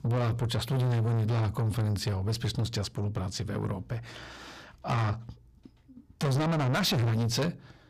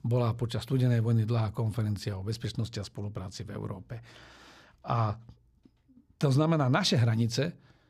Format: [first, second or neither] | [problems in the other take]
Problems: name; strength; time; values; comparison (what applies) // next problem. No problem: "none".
second | distortion; heavy; 7 dB below the speech